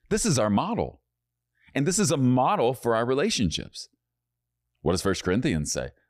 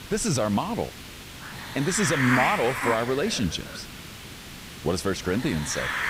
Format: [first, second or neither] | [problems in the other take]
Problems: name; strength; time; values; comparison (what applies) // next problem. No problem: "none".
first | hiss; loud; throughout; 5 dB below the speech